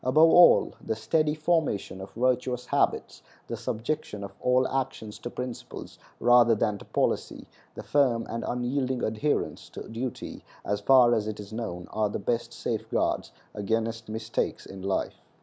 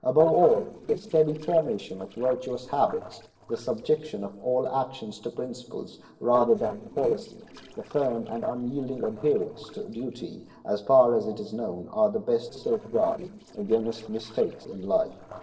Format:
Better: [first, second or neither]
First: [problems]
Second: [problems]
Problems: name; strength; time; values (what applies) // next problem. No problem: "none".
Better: first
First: none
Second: noise reduction (neural separator model SepFormer DNS4)